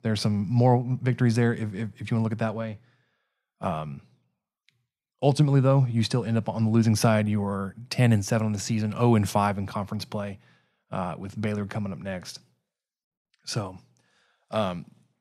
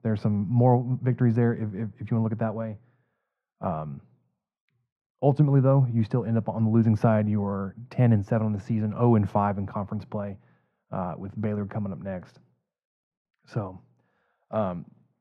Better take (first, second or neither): first